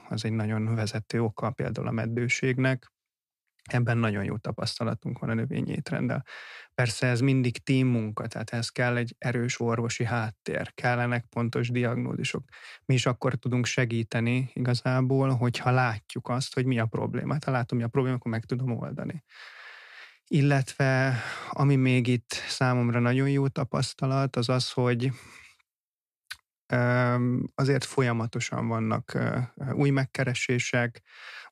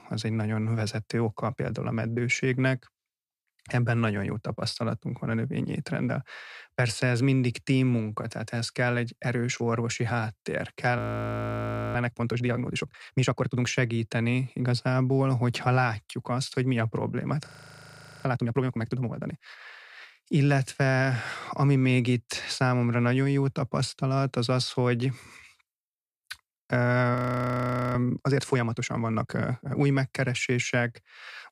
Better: first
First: none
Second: audio freezing; at 11 s for 1 s, at 17 s for 1 s and at 27 s for 1 s

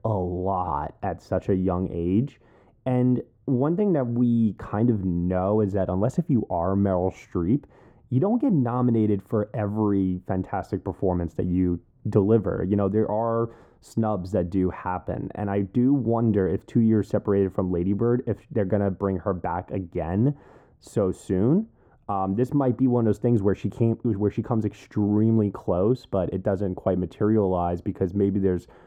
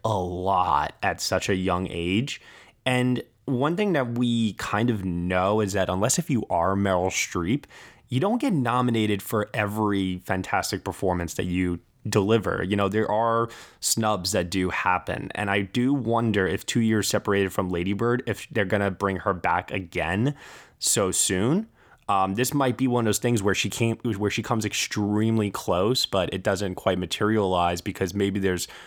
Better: second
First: muffled; very; fading above 1 kHz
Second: none

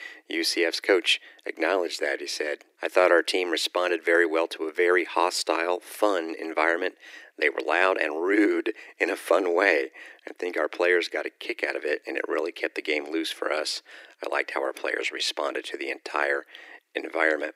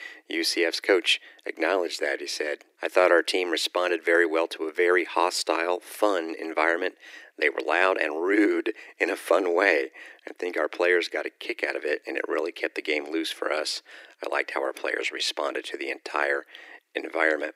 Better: neither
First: thin; very; fading below 300 Hz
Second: thin; very; fading below 300 Hz

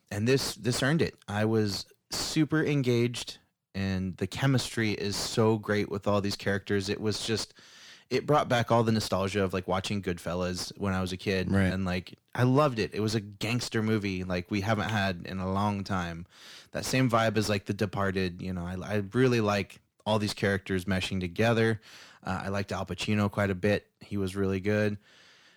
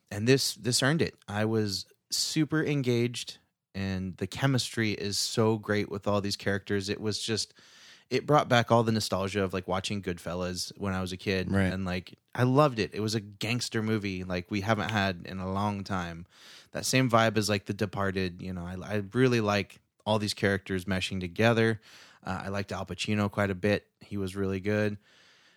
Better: second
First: distortion; slight; 10 dB below the speech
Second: none

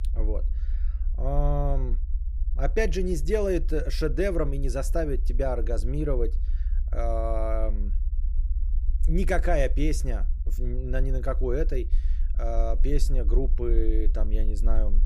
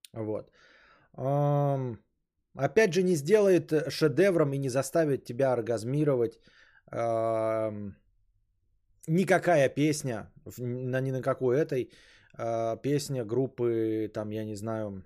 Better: second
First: low rumble; faint; throughout; 20 dB below the speech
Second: none

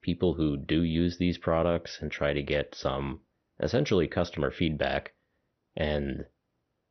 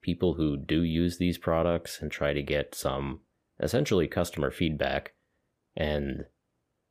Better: second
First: garbled, watery; slightly; nothing above 6 kHz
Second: none

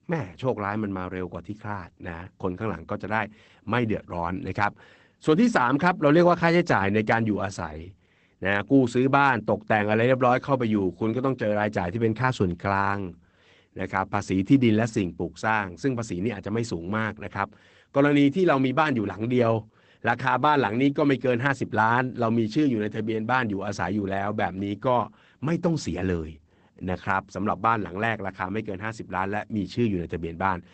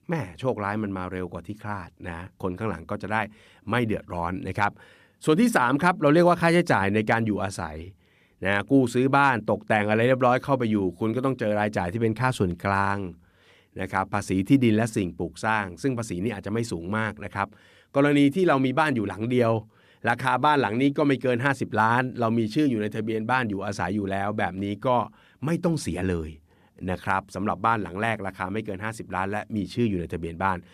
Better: second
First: garbled, watery; badly; nothing above 8 kHz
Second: none

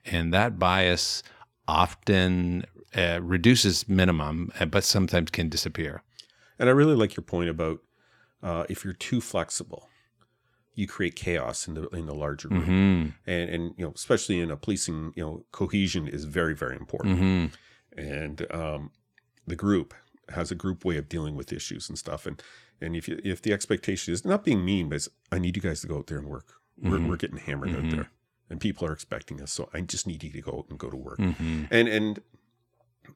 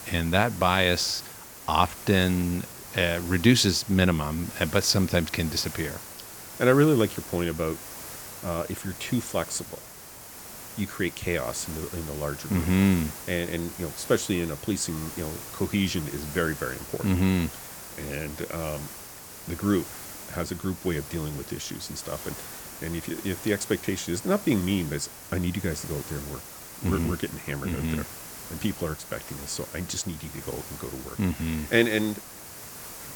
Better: first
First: none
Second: hiss; noticeable; throughout; 10 dB below the speech

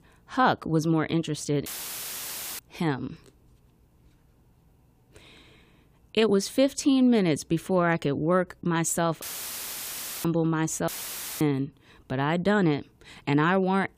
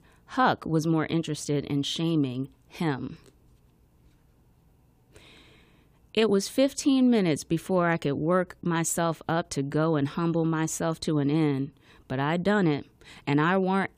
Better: second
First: audio cutting out; filled with static; at 1.5 s for 1 s, at 9 s for 1 s and at 11 s for 0.5 s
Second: none

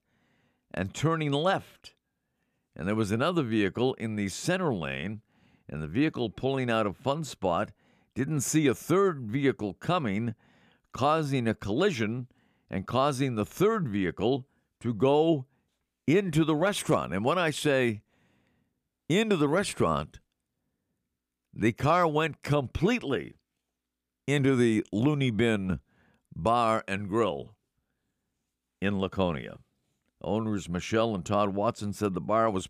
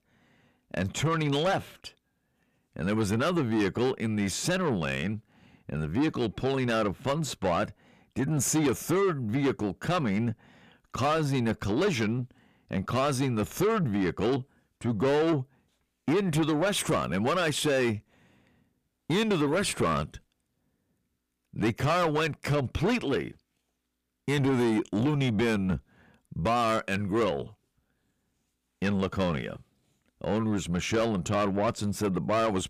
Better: first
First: none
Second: distortion; heavy; 8 dB below the speech

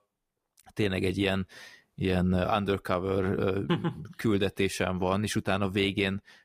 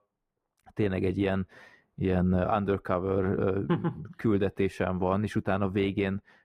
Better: first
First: none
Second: muffled; slightly; fading above 2.5 kHz

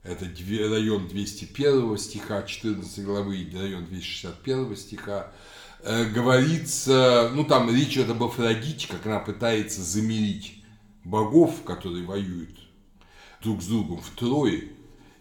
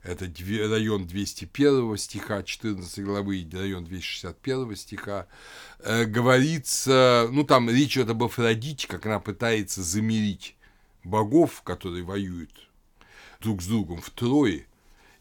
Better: second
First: room echo; very slight; dies away in 0.5 s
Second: none

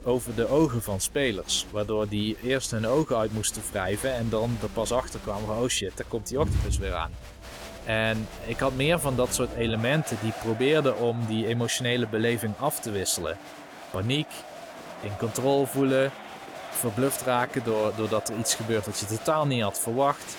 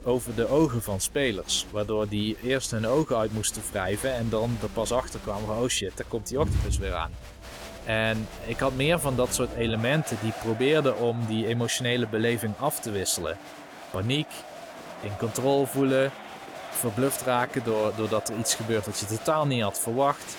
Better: neither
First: crowd noise; noticeable; throughout; 10 dB below the speech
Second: crowd noise; noticeable; throughout; 10 dB below the speech

